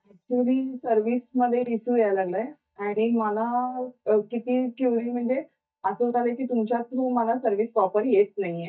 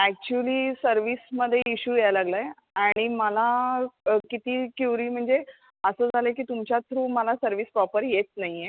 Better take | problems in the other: second | noise reduction (neural mask model DeepFilterNet 3)

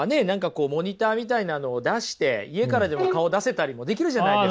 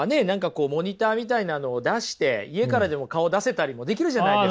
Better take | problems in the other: second | background sound (Bowed string instrument); 6 dB below the speech

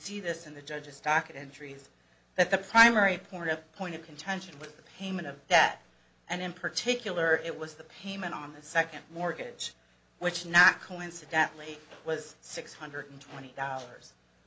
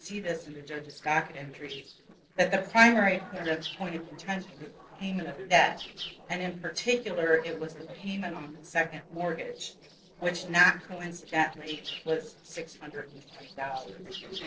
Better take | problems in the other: first | noise reduction (neural separator model SepFormer DNS4)

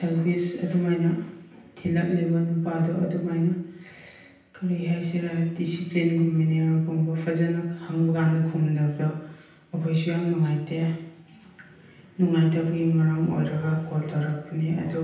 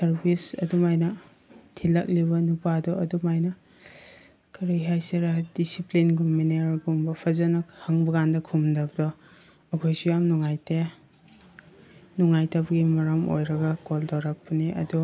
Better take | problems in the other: second | room echo; dies away in 0.9 s

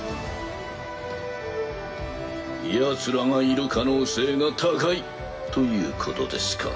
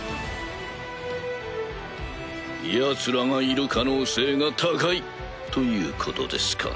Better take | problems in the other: second | background sound (Wind instrument, woodwind instrument); 16 dB below the speech // room echo; dies away in 2 s

